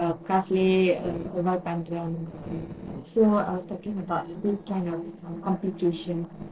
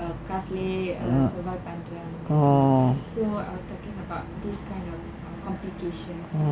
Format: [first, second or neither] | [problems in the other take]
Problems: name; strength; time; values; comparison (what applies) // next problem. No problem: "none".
second | noise reduction (neural separator model SepFormer DNS4)